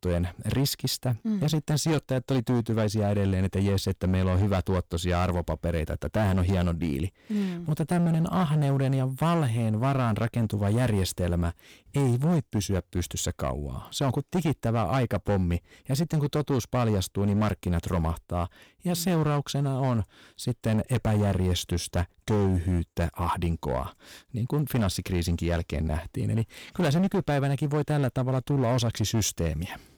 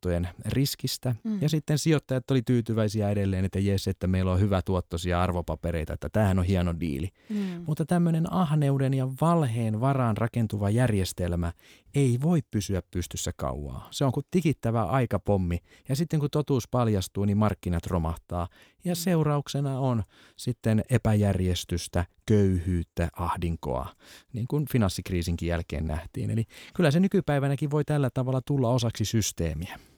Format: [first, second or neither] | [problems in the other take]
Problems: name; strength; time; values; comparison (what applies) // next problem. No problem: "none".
second | distortion; slight; 13% of the sound clipped